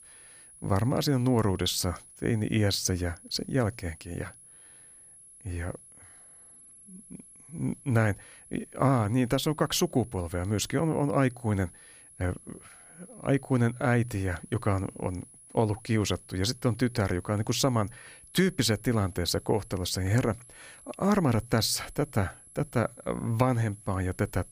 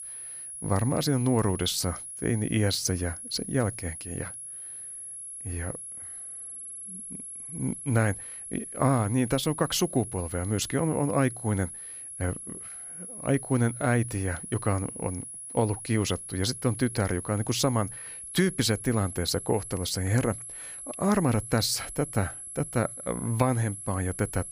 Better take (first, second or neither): first